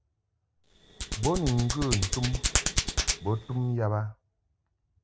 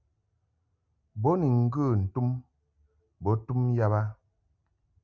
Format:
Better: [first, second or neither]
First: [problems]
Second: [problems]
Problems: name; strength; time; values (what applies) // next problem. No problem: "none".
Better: second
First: background sound (Hands); as loud as the speech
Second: none